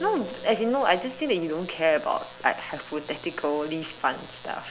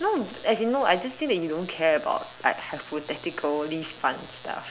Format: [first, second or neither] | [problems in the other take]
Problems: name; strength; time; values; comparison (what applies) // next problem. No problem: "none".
second | background sound (Musical instrument); 19 dB below the speech